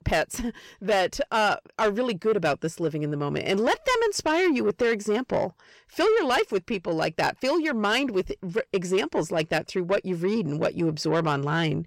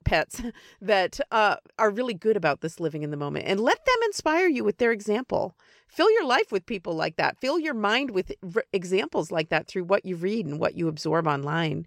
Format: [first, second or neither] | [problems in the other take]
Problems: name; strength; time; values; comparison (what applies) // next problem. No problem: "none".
second | distortion; slight; 10 dB below the speech